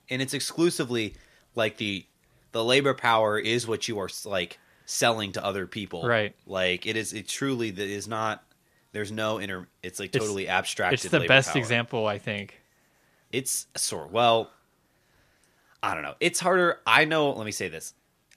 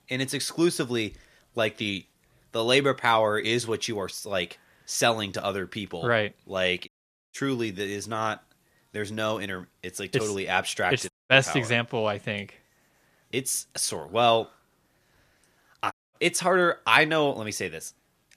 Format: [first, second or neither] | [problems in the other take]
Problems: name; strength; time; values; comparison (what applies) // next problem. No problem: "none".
first | audio cutting out; at 7 s, at 11 s and at 16 s